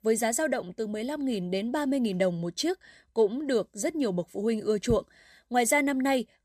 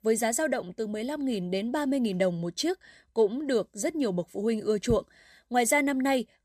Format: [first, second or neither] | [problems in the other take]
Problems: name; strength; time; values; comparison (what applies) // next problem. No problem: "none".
neither | none